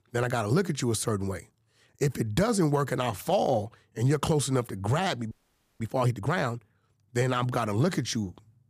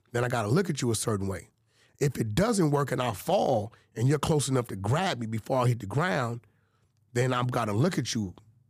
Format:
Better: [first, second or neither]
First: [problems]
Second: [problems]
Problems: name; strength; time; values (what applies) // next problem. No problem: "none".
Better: second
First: audio freezing; at 5.5 s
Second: none